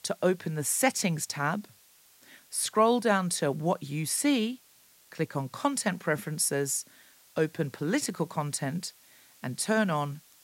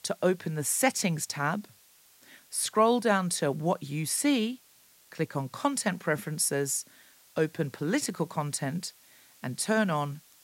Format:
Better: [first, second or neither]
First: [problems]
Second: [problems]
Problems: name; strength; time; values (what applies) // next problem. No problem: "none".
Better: neither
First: hiss; faint; throughout; 25 dB below the speech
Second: hiss; faint; throughout; 25 dB below the speech